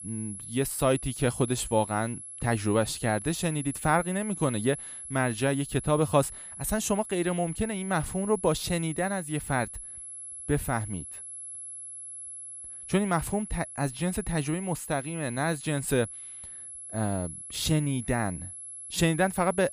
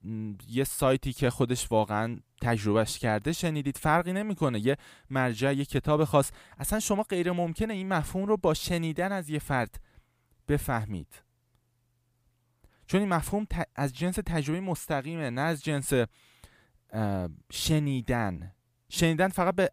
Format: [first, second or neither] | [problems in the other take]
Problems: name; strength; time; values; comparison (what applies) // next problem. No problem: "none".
second | high-pitched whine; loud; throughout; 11 kHz, 10 dB below the speech